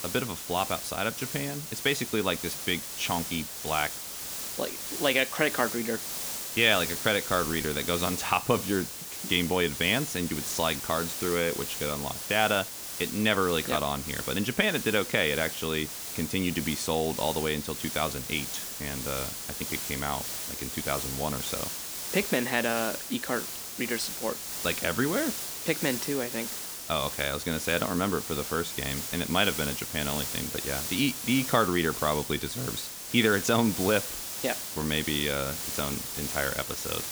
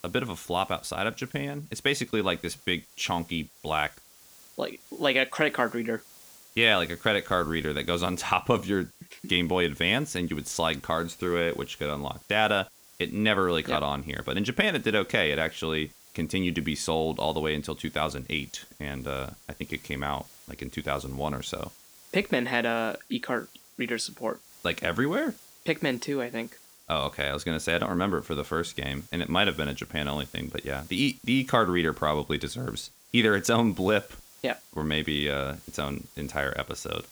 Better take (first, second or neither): second